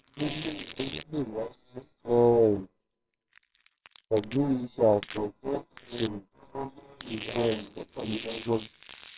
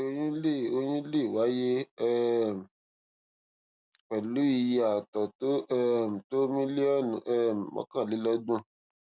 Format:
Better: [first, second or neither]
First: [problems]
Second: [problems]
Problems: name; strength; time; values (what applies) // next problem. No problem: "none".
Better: second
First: noise reduction (neural separator model SepFormer WHAMR!)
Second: none